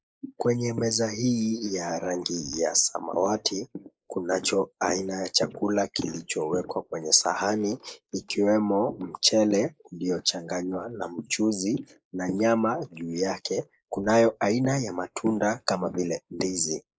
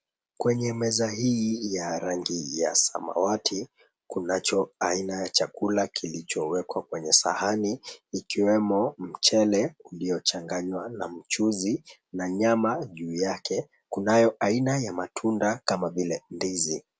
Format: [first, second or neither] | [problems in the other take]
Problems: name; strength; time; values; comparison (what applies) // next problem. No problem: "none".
second | noise reduction (neural mask model Resemble Enhance denoiser)